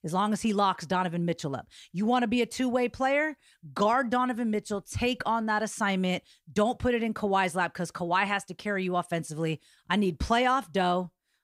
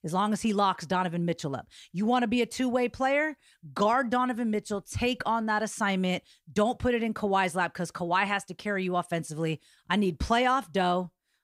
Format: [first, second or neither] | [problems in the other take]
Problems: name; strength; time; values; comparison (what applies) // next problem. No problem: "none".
neither | none